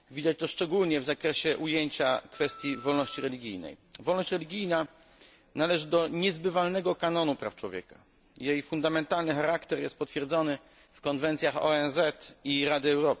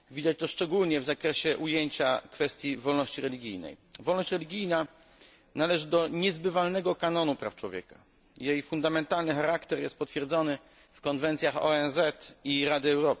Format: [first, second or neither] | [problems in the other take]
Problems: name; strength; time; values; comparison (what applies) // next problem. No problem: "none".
second | background sound (Wind instrument, woodwind instrument); 18 dB below the speech